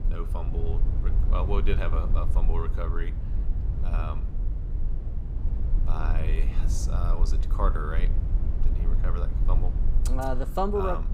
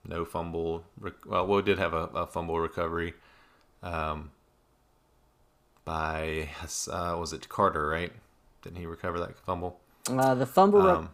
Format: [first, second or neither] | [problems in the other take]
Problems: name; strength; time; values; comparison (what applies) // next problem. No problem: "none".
second | low rumble; noticeable; throughout; 10 dB below the speech